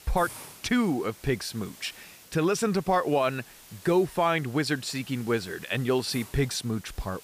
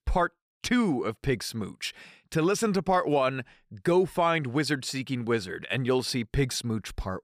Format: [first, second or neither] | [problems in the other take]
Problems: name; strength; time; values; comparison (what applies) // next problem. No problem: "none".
second | hiss; noticeable; throughout; 20 dB below the speech